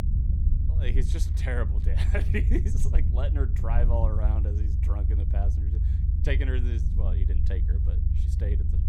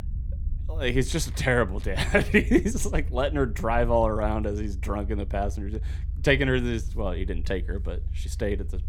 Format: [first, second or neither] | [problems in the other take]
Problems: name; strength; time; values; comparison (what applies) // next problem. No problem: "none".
second | low rumble; loud; throughout; 6 dB below the speech; faint in the second